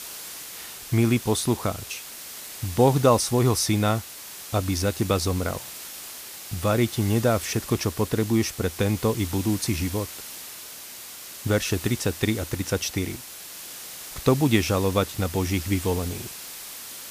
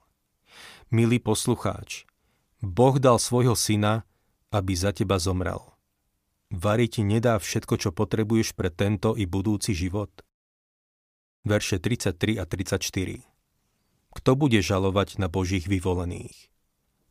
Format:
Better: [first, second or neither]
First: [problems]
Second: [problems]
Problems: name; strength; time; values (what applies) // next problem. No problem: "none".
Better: second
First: hiss; noticeable; throughout; 10 dB below the speech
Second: none